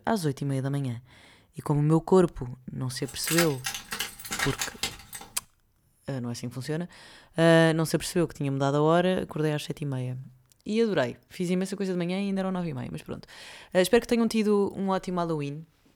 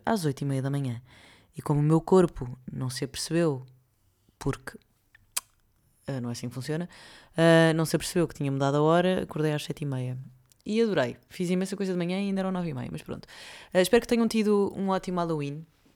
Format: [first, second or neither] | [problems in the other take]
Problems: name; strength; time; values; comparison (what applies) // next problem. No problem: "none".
second | jangling keys; noticeable; from 3 to 5 s; peak level with the speech